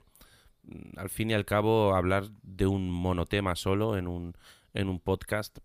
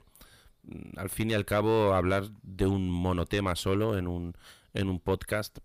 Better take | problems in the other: first | distortion; slight; 10 dB below the speech

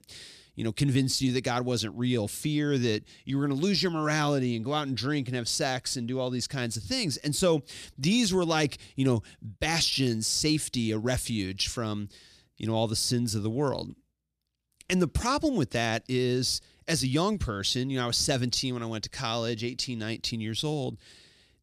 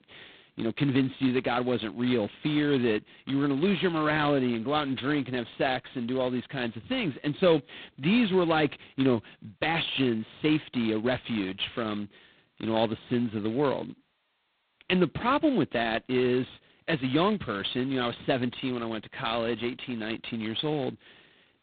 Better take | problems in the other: first | phone-call audio; poor line; nothing above 4 kHz

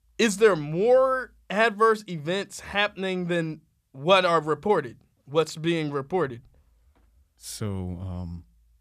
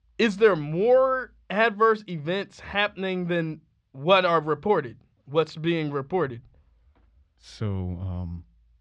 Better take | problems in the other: first | muffled; very slightly; fading above 4 kHz

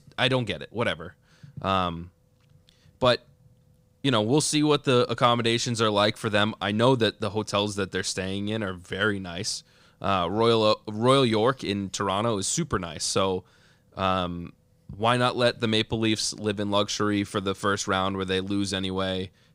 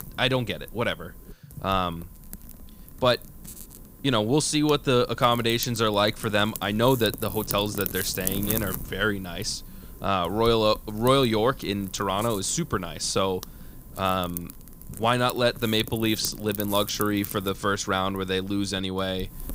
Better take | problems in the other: first | wind noise on the microphone; occasional gusts; 20 dB below the speech

